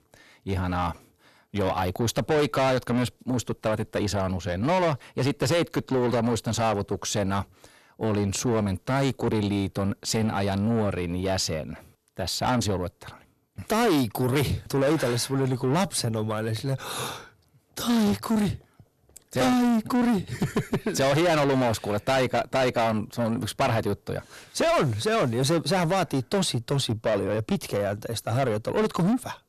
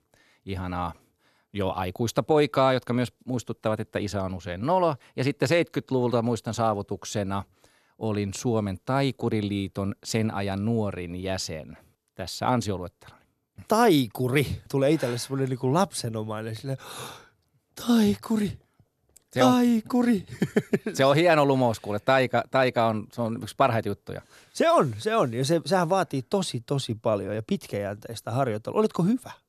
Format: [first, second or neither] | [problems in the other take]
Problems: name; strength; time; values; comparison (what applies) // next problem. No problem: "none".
second | distortion; heavy; 6 dB below the speech